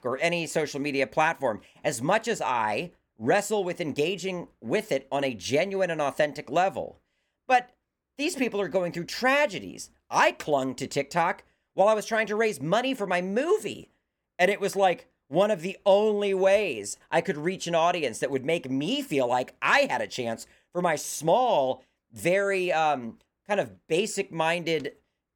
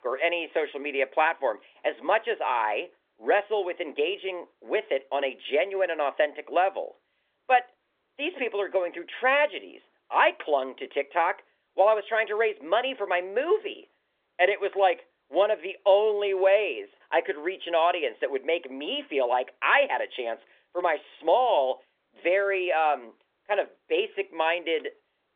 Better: first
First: none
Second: phone-call audio; nothing above 3.5 kHz

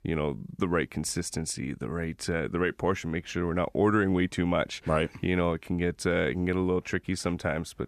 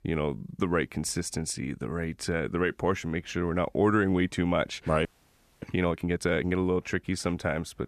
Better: first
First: none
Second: audio freezing; at 5 s for 0.5 s

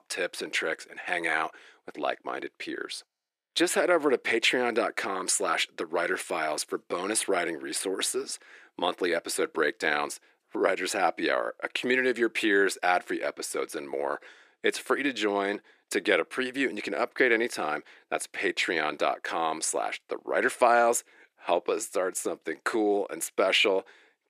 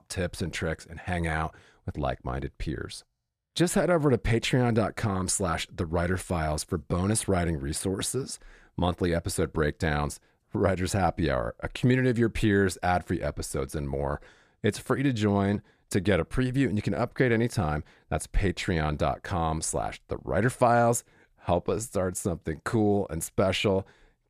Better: second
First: thin; somewhat; fading below 350 Hz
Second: none

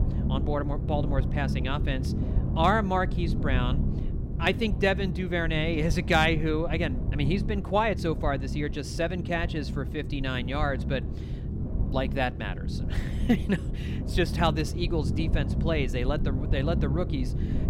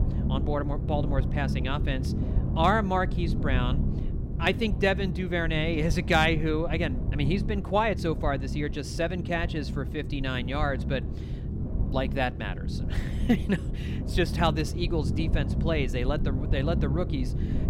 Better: neither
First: low rumble; noticeable; throughout; 10 dB below the speech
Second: low rumble; noticeable; throughout; 10 dB below the speech

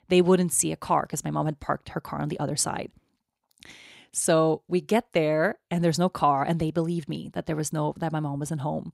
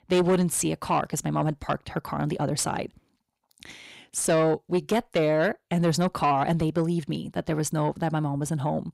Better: first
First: none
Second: distortion; slight; 10 dB below the speech

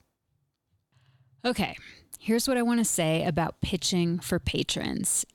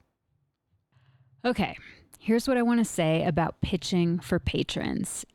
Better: first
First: none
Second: muffled; slightly; fading above 3.5 kHz

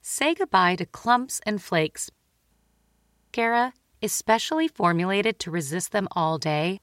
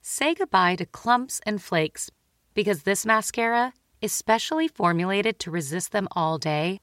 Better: second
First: audio freezing; at 2.5 s for 1 s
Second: none

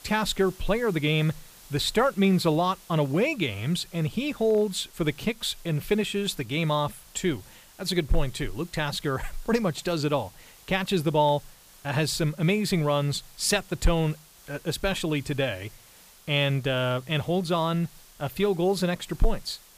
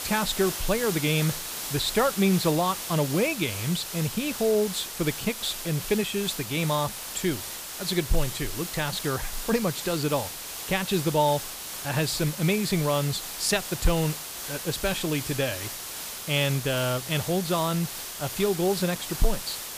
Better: first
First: hiss; faint; throughout; 25 dB below the speech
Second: hiss; loud; throughout; 6 dB below the speech

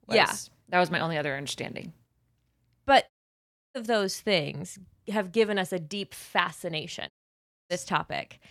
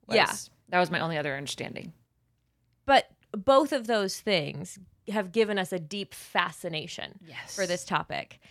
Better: second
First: audio cutting out; at 3 s for 0.5 s and at 7 s for 0.5 s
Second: none

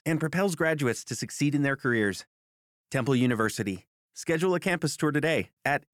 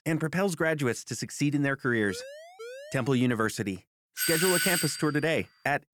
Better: first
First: none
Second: siren; faint; from 2 to 3 s; peak 15 dB below the speech // doorbell; loud; at 4 s; peak 3 dB above the speech

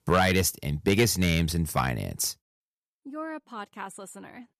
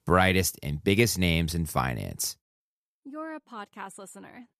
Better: second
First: distortion; slight; 1.3% of the sound clipped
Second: none

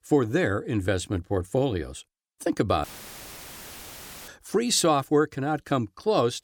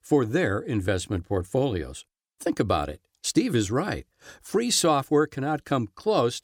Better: second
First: audio cutting out; filled with static; at 3 s for 1.5 s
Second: none

